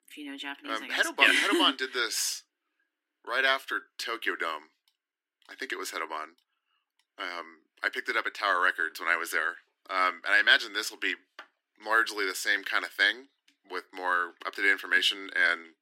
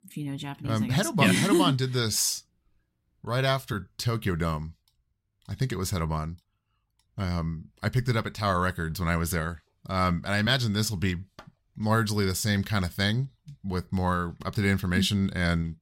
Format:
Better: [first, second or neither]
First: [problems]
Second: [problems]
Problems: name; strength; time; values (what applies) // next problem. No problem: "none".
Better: second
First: thin; very; fading below 300 Hz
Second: none